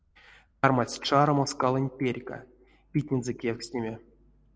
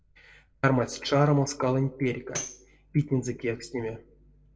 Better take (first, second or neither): first